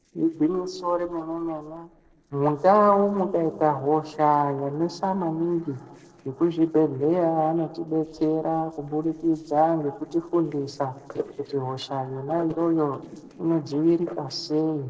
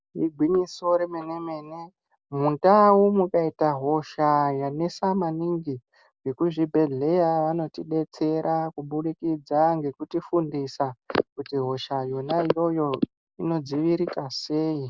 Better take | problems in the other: second | noise reduction (neural separator model SepFormer DNS4)

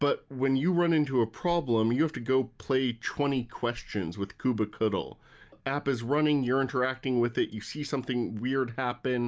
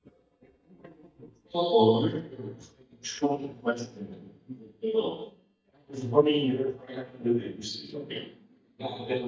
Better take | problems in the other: first | noise reduction (neural mask model DeepFilterNet 3)

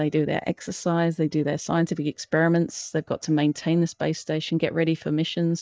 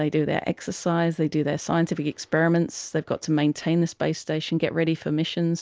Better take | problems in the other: second | noise reduction (neural mask model DeepFilterNet 3)

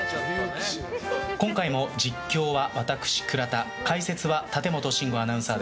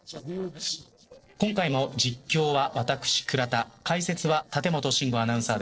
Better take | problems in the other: first | noise reduction (neural separator model SepFormer DNS4)

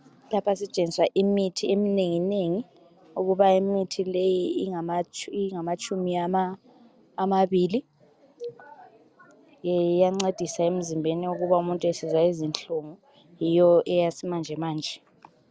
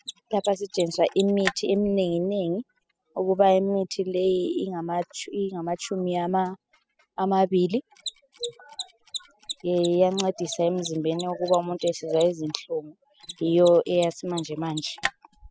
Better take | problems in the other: first | noise reduction (classical method spectral subtraction)

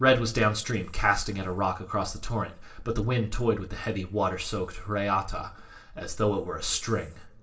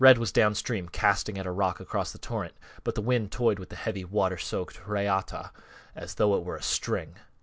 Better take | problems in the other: second | room echo; dies away in 0.4 s

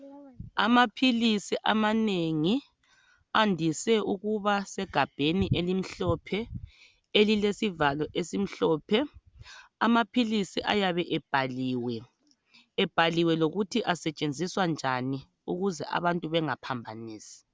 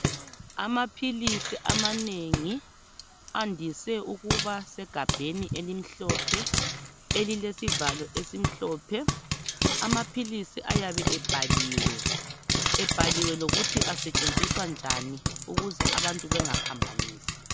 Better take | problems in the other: first | background sound (Frying (food)); 4 dB above the speech

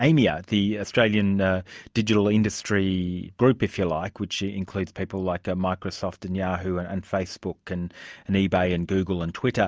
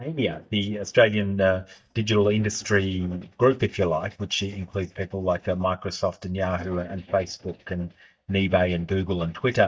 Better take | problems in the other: first | noise reduction (neural mask model DeepFilterNet 3)

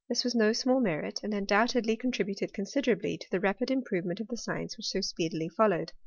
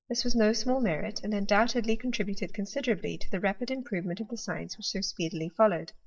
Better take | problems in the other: first | noise reduction (neural mask model DeepFilterNet 3)

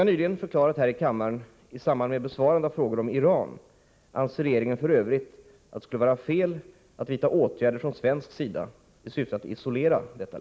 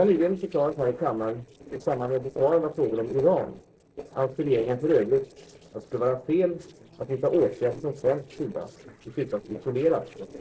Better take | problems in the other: first | noise reduction (neural separator model SepFormer DNS4)

